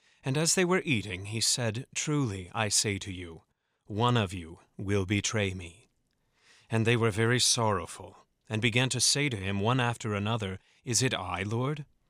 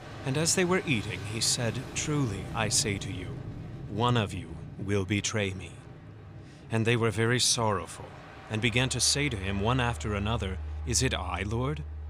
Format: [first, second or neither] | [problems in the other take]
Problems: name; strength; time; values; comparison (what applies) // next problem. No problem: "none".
first | train or aircraft noise; noticeable; throughout; 15 dB below the speech